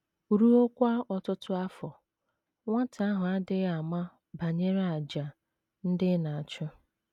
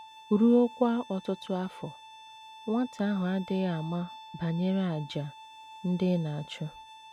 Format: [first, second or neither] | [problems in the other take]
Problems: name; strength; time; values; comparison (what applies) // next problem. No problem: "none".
first | background sound (Bowed string instrument); 19 dB below the speech